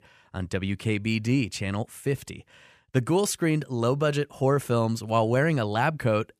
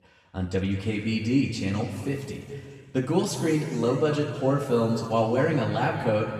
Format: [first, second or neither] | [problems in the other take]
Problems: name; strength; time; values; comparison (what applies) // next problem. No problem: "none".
first | room echo; noticeable; dies away in 2.1 s // off-mic speech; far